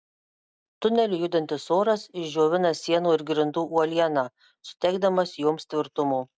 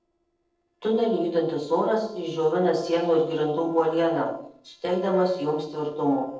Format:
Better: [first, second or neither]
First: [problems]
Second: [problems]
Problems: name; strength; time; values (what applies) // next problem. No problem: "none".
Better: first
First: none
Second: noise reduction (neural separator model SepFormer DNS4)